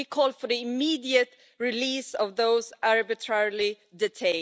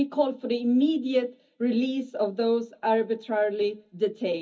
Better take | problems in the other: first | room echo; dies away in 0.4 s

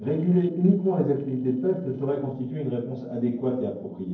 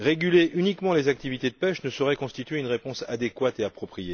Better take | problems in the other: second | noise reduction (neural separator model SepFormer DNS4)

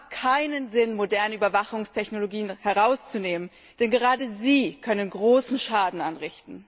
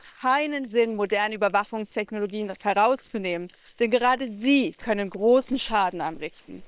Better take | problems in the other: first | noise reduction (neural separator model SepFormer WHAM!)

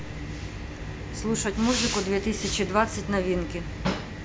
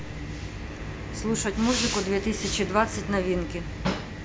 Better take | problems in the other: first | background sound (Wind instrument, woodwind instrument); 19 dB below the speech

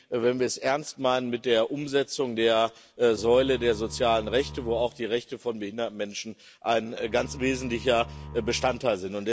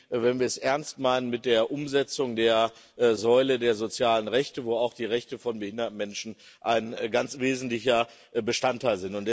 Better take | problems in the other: second | background sound (Bowed string instrument); 15 dB below the speech

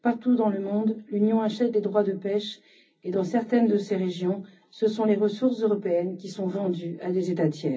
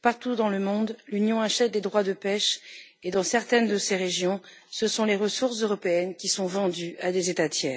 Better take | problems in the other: second | room echo; dies away in 0.4 s

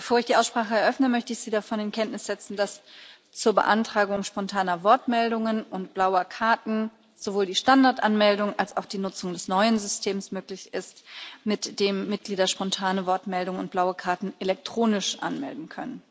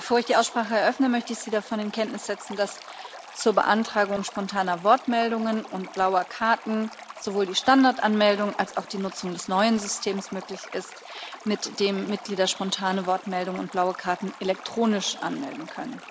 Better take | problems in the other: first | background sound (Stream); 17 dB below the speech

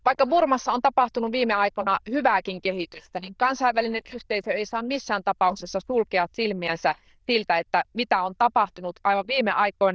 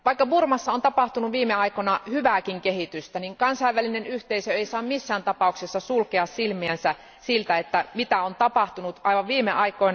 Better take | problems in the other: second | noise reduction (neural diffusion model UNIVERSE++)

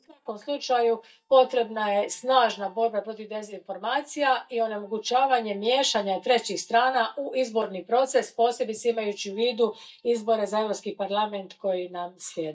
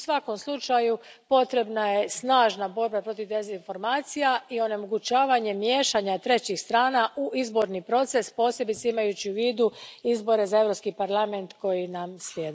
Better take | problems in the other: second | noise reduction (neural mask model DeepFilterNet 3)

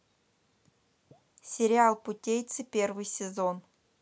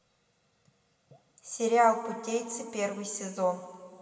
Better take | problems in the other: first | room echo; dies away in 2.3 s

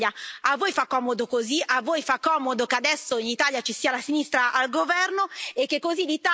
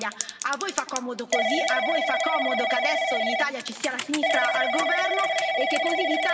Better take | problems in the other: first | background sound (Telephone / Typing); 3 dB above the speech // room echo; dies away in 1.4 s

